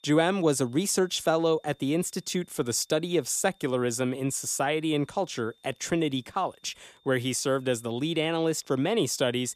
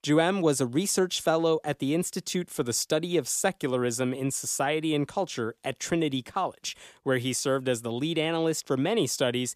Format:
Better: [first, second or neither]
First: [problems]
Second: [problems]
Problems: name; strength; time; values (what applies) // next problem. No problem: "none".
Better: second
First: high-pitched whine; faint; throughout; 3.5 kHz, 35 dB below the speech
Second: none